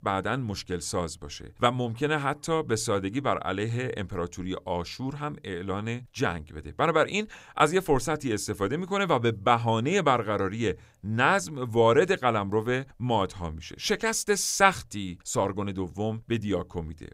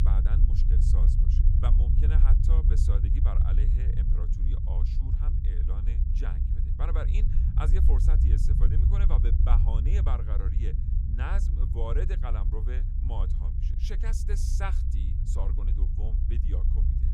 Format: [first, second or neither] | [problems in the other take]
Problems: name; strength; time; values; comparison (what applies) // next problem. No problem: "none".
first | low rumble; loud; throughout; 2 dB below the speech